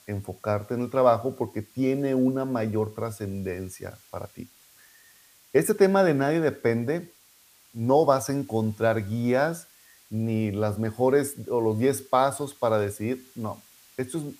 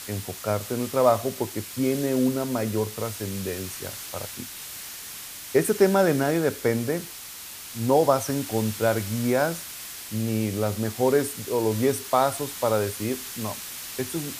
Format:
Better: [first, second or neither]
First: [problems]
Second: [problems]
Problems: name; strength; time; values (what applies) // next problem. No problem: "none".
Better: first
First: hiss; faint; throughout; 30 dB below the speech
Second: hiss; loud; throughout; 10 dB below the speech